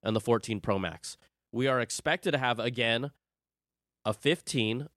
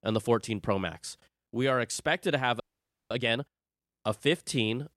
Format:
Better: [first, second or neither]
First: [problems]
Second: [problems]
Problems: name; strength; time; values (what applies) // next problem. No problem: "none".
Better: first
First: none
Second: audio freezing; at 2.5 s for 0.5 s